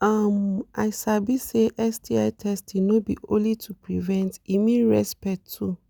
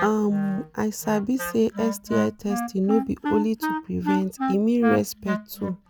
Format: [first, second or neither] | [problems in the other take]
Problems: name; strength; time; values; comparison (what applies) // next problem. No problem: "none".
first | background sound (Wind instrument, woodwind instrument); 6 dB below the speech